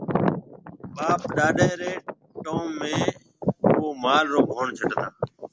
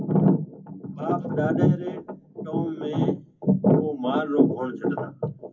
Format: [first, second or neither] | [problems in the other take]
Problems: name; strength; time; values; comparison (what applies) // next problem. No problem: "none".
first | room echo; dies away in 0.3 s